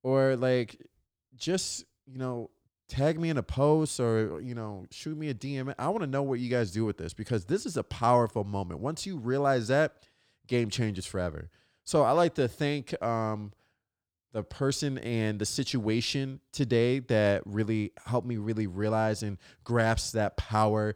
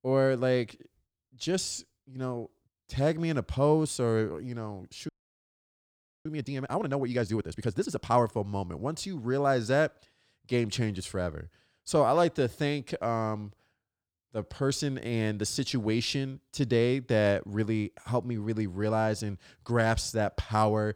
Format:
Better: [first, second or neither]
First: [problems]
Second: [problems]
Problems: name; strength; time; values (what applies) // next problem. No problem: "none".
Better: first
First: none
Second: audio freezing; at 5 s for 1 s